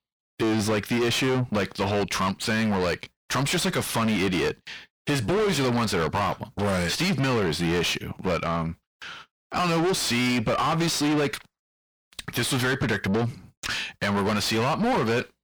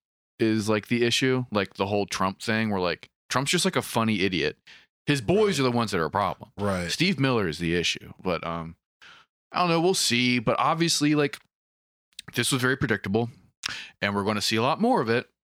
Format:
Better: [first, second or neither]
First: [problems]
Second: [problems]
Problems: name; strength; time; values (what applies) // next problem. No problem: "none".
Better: second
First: distortion; heavy; 5 dB below the speech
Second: none